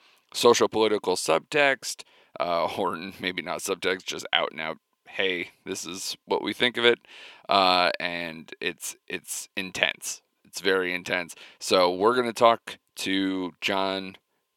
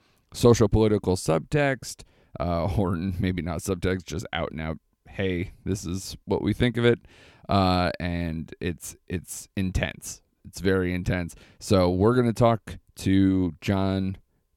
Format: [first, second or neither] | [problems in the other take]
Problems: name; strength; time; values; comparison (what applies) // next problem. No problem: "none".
second | thin; somewhat; fading below 450 Hz